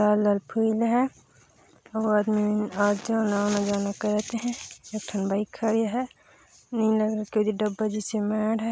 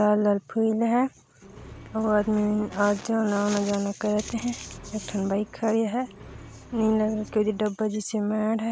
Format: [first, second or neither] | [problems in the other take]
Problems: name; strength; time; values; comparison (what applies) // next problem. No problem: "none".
first | background sound (Accelerating, revving, vroom); 18 dB below the speech